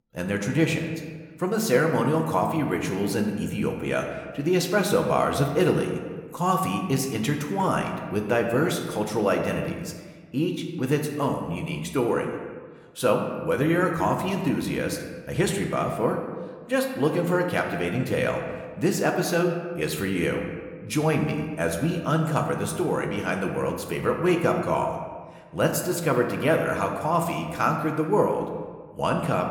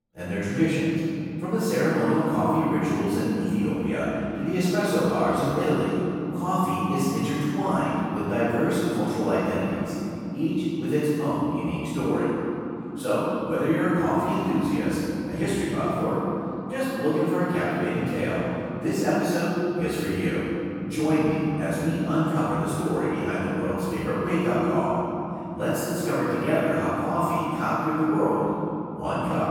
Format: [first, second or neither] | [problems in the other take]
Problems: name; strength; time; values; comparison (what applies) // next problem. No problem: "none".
first | room echo; strong; dies away in 3 s; slight in the first // off-mic speech; far